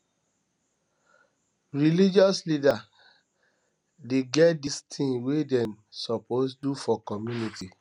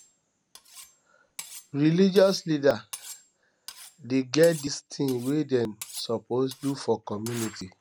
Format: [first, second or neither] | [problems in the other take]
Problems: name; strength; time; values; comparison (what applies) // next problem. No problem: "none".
first | background sound (Cutlery, silverware); 19 dB below the speech